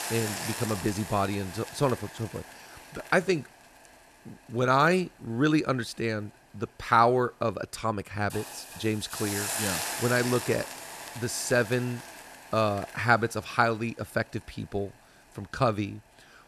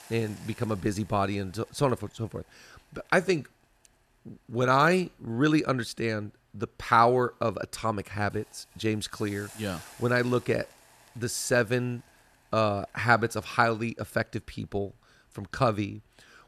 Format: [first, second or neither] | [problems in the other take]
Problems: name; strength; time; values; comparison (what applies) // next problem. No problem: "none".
second | hiss; loud; throughout; 8 dB below the speech; faint in the second